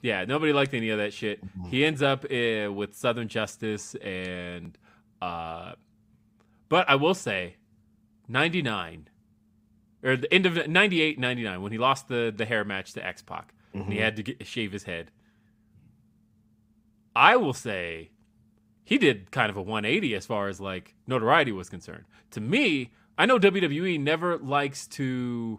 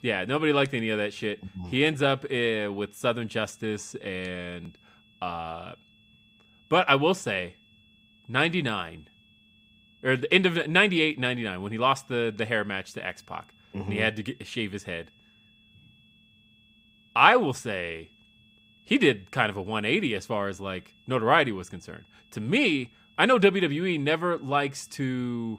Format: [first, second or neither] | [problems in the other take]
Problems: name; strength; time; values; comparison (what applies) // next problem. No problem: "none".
first | high-pitched whine; faint; throughout; 3.5 kHz, 35 dB below the speech